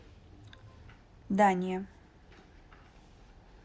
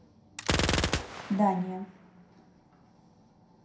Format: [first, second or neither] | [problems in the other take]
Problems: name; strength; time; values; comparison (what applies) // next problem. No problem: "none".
first | background sound (Gunshot, gunfire); 1 dB above the speech // room echo; dies away in 0.4 s